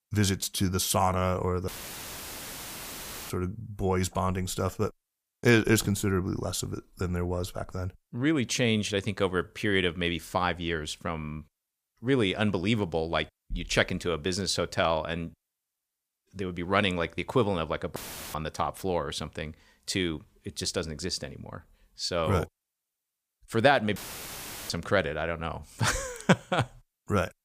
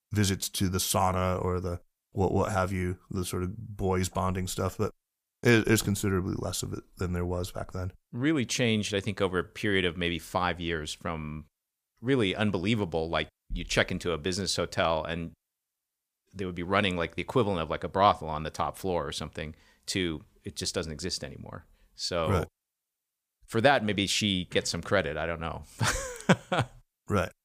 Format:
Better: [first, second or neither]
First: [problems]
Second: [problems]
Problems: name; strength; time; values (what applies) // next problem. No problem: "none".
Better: second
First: audio cutting out; filled with static; at 1.5 s for 1.5 s, at 18 s and at 24 s for 0.5 s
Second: none